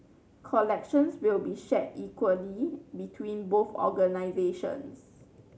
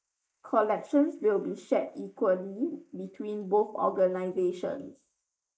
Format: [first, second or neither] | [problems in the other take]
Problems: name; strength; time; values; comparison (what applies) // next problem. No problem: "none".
first | noise reduction (neural mask model Resemble Enhance denoiser)